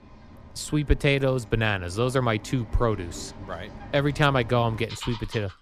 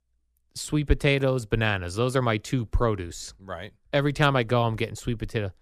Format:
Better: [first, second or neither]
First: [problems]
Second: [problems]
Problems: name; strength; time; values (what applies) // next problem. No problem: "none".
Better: second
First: animal sounds; noticeable; throughout; 20 dB below the speech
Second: none